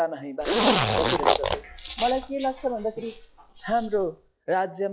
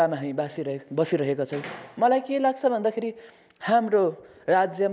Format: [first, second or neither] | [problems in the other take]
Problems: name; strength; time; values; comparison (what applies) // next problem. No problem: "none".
second | noise reduction (classical method log-MMSE)